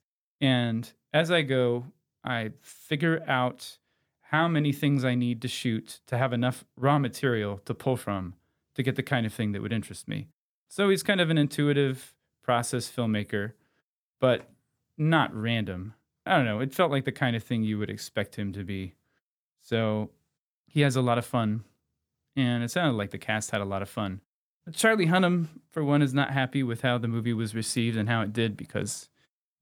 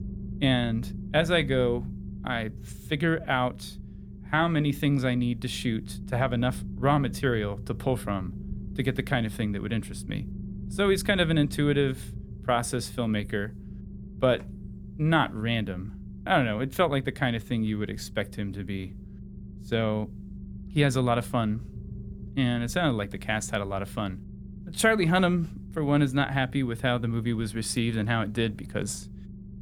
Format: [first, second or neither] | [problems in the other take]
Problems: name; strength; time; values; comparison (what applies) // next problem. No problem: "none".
first | low rumble; faint; throughout; 20 dB below the speech